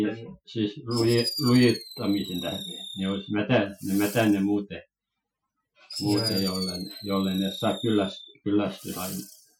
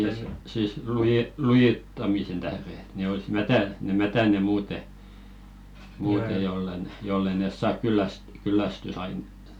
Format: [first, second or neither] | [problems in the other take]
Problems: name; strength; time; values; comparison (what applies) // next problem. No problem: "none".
second | noise reduction (classical method Wiener filter)